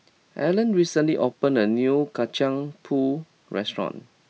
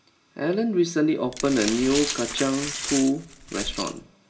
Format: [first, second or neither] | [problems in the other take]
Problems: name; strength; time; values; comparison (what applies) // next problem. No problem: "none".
first | background sound (Glass); 7 dB below the speech // room echo; dies away in 0.4 s